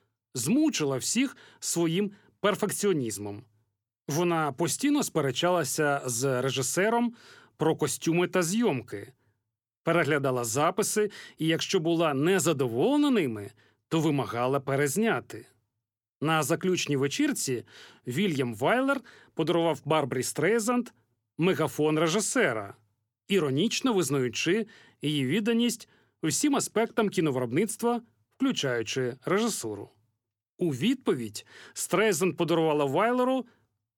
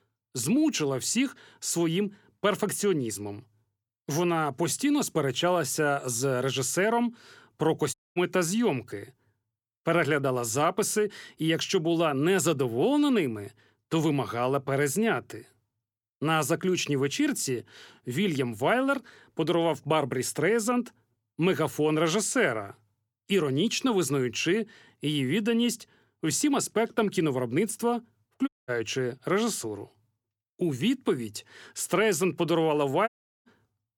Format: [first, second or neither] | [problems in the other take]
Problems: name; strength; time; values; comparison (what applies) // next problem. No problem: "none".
first | audio cutting out; at 8 s, at 28 s and at 33 s